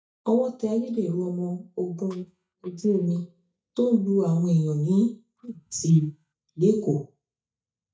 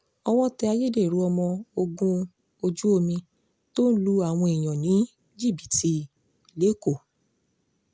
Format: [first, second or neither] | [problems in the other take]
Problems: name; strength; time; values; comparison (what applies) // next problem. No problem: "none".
second | noise reduction (neural mask model DeepFilterNet 3)